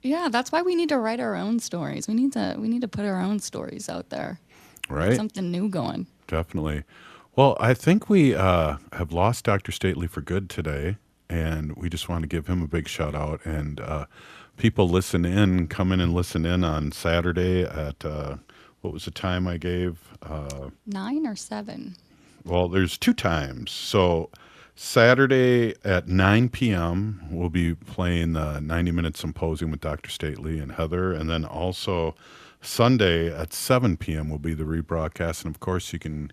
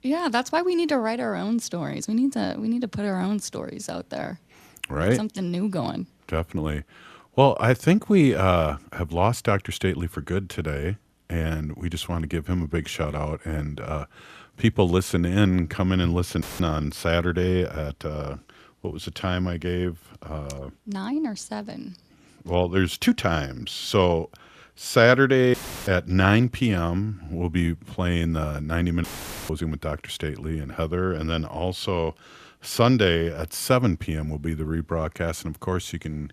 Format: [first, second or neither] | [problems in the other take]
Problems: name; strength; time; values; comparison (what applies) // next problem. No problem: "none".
first | audio cutting out; filled with static; at 16 s, at 26 s and at 29 s